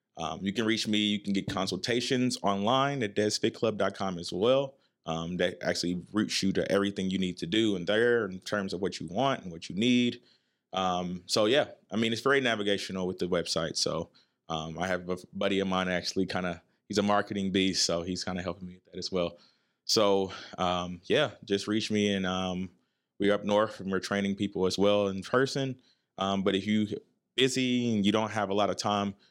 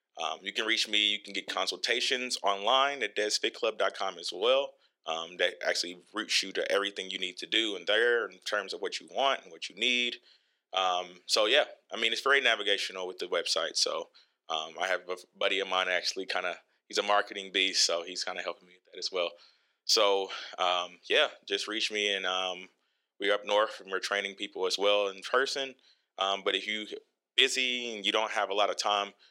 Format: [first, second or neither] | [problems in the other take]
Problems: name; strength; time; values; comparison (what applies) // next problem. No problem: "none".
first | thin; very; fading below 450 Hz